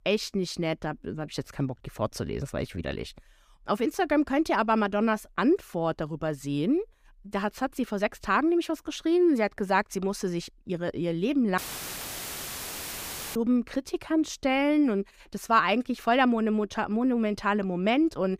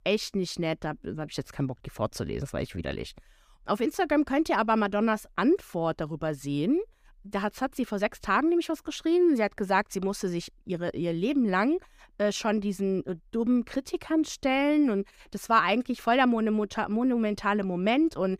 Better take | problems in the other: second | audio cutting out; filled with static; at 12 s for 2 s

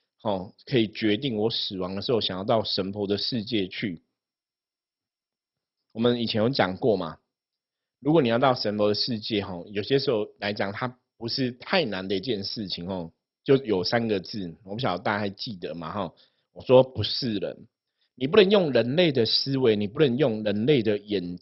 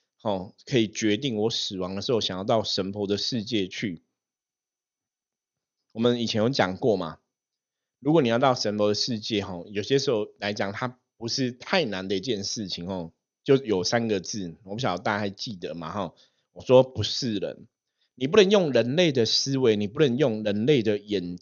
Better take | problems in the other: second | garbled, watery; badly; nothing above 5.5 kHz; slightly in the second

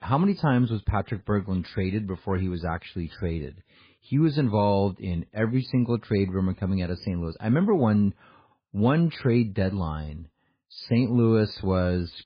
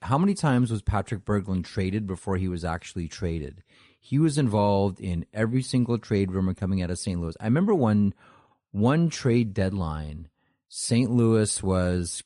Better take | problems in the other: second | garbled, watery; badly; nothing above 11.5 kHz; slightly in the second

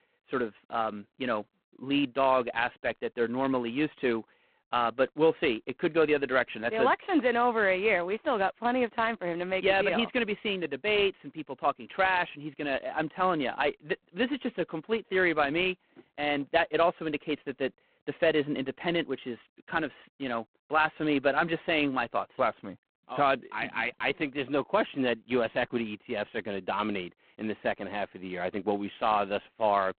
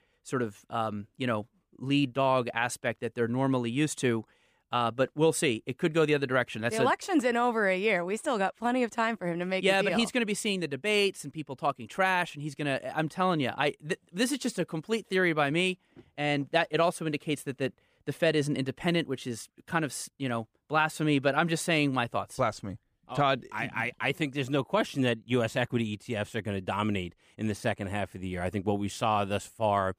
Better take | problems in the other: second | phone-call audio; poor line

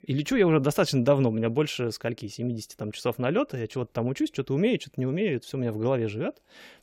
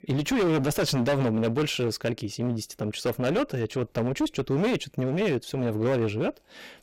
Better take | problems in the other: first | distortion; heavy; 17% of the sound clipped

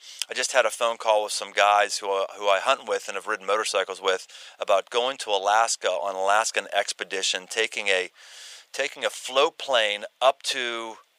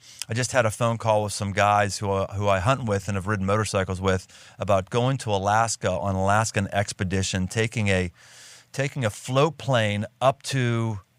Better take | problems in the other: second | thin; very; fading below 400 Hz

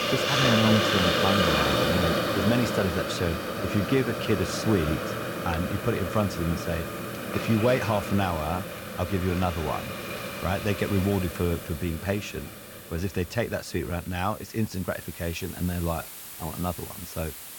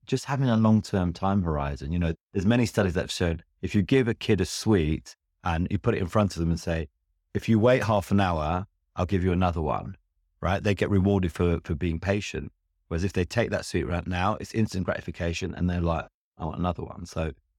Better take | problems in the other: second | hiss; loud; throughout; as loud as the speech

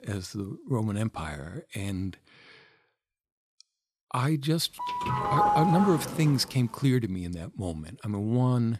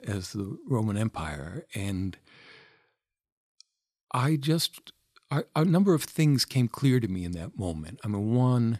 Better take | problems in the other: second | doorbell; loud; from 5 to 6.5 s; peak 5 dB above the speech

